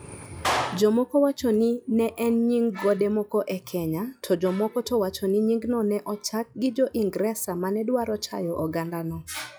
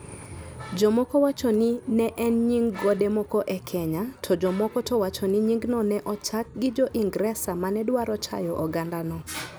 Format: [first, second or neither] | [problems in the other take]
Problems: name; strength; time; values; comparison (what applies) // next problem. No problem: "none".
second | noise reduction (classical method log-MMSE)